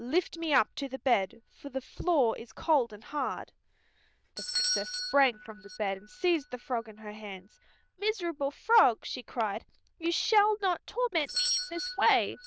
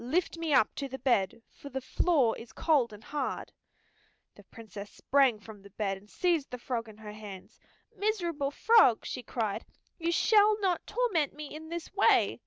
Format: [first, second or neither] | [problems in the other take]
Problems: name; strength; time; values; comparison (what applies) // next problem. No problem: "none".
second | noise reduction (neural diffusion model UNIVERSE++)